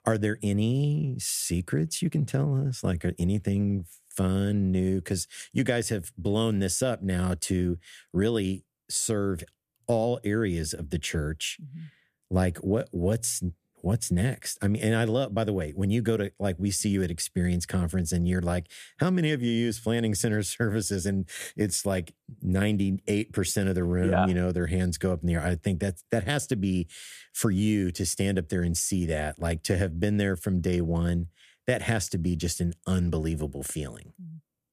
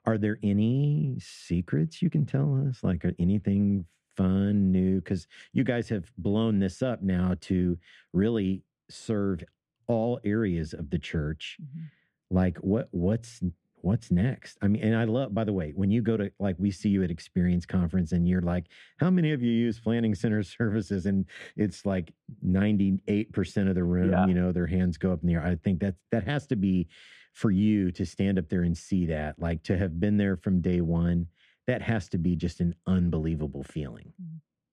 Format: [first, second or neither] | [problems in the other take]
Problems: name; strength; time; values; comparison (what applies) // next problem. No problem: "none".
first | muffled; slightly; fading above 3 kHz